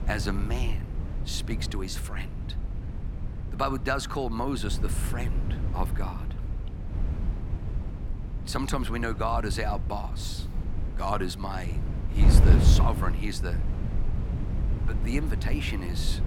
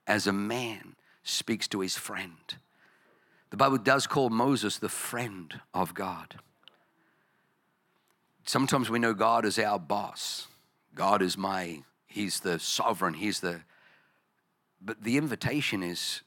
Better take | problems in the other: second | wind noise on the microphone; heavy; 9 dB below the speech

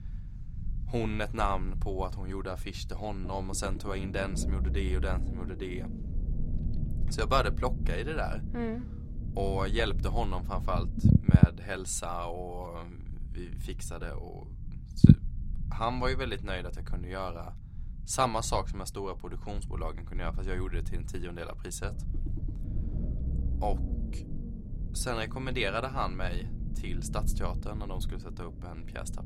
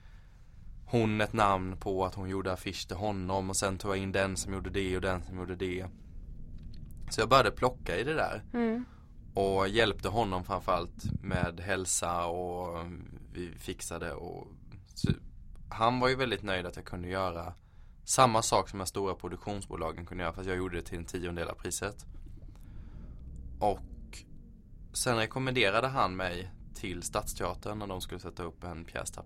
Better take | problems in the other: second | low rumble; loud; throughout; 7 dB below the speech; faint in the second

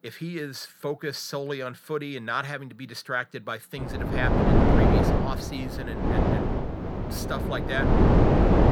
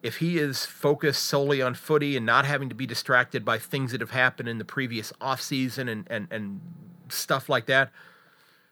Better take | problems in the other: second | wind noise on the microphone; heavy; from 4 s on; 5 dB above the speech

